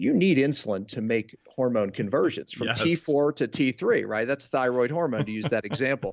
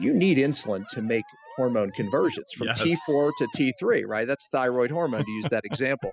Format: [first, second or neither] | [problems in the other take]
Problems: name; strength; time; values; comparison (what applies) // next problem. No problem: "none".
first | noise reduction (classical method spectral subtraction)